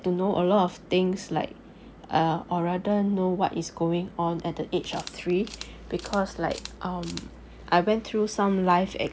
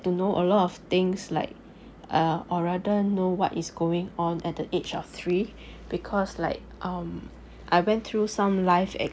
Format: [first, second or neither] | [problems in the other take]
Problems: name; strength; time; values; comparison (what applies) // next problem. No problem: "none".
second | background sound (Camera); 20 dB below the speech